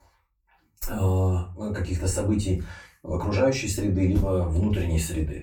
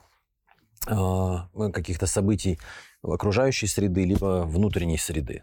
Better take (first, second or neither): second